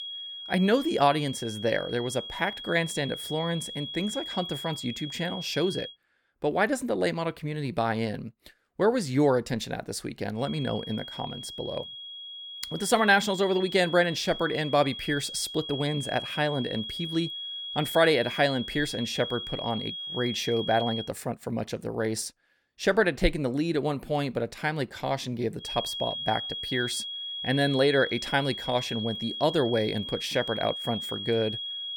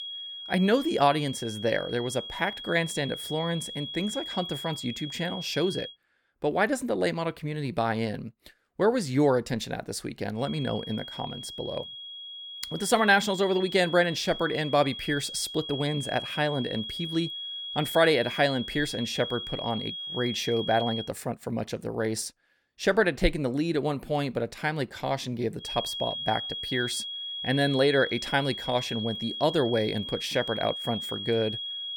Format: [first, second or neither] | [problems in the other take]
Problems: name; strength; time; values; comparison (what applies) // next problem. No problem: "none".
neither | high-pitched whine; loud; until 6 s, from 10 to 21 s and from 26 s on; 3.5 kHz, 7 dB below the speech; the same in both